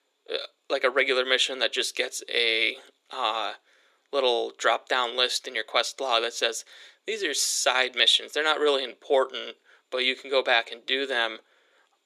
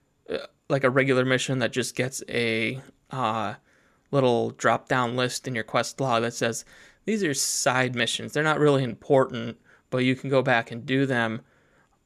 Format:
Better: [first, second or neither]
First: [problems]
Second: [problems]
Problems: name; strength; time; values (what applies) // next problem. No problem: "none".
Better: second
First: thin; very; fading below 350 Hz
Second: none